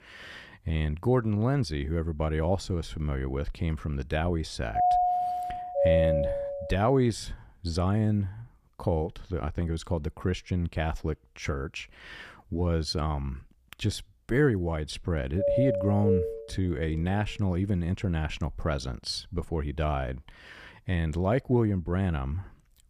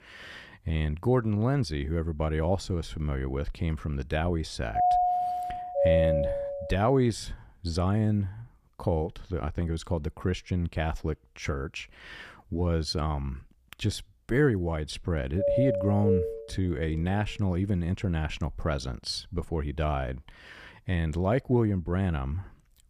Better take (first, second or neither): neither